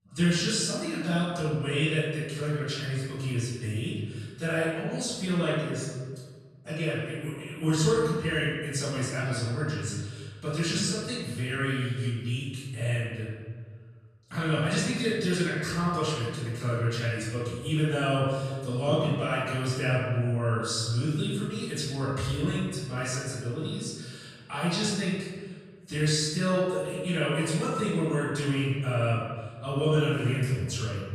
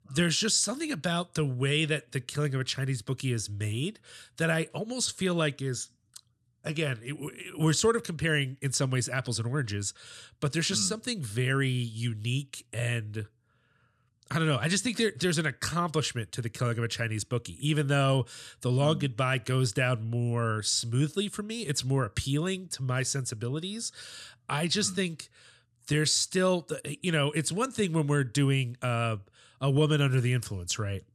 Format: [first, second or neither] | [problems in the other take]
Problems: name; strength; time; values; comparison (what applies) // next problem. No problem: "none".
second | off-mic speech; far // room echo; strong; dies away in 1.4 s